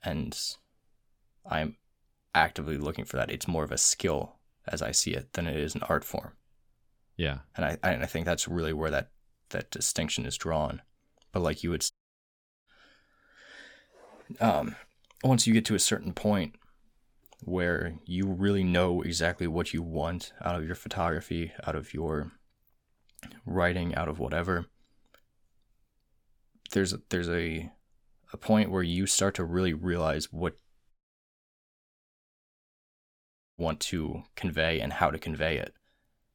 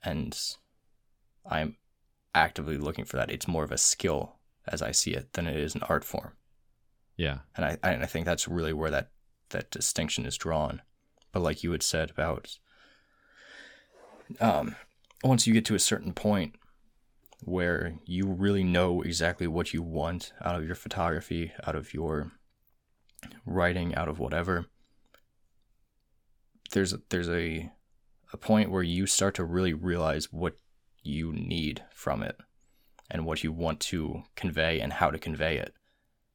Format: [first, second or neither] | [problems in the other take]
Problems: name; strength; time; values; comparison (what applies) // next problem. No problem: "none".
second | audio cutting out; at 12 s for 1 s and at 31 s for 2.5 s